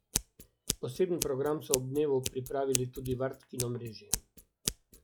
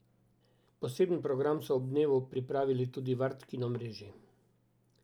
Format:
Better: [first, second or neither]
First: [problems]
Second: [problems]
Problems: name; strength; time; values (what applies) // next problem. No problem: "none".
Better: second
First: noise reduction (classical method log-MMSE)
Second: none